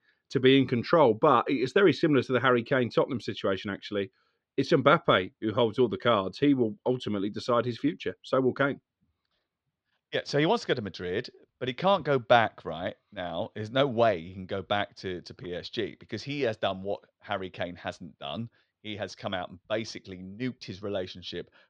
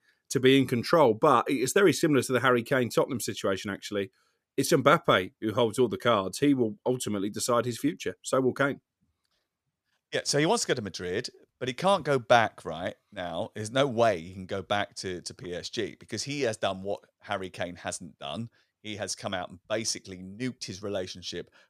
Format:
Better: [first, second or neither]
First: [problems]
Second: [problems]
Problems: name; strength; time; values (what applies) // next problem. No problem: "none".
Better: second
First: muffled; slightly; fading above 4 kHz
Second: none